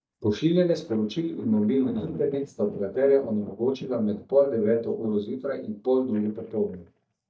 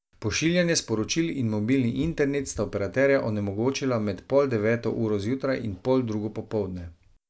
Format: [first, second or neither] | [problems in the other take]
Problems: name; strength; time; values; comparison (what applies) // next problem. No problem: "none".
second | noise reduction (neural mask model DeepFilterNet 3)